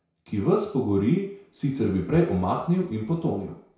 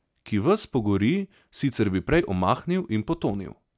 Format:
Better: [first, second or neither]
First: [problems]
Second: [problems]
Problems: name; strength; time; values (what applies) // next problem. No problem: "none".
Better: second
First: room echo; dies away in 0.5 s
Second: none